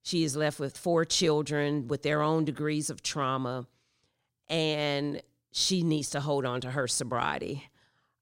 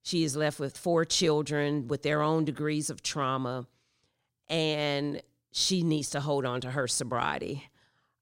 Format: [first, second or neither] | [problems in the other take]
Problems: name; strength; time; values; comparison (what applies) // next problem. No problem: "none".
neither | none